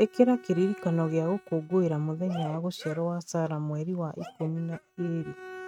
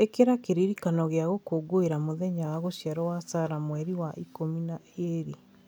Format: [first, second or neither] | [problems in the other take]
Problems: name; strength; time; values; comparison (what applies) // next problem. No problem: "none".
second | noise reduction (neural mask model RNNoise)